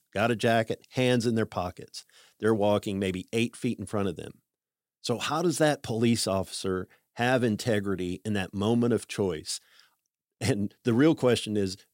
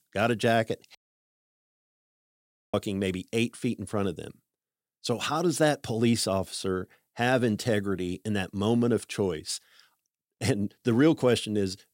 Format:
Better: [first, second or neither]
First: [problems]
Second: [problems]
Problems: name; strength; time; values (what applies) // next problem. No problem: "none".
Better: first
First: none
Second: audio cutting out; at 1 s for 2 s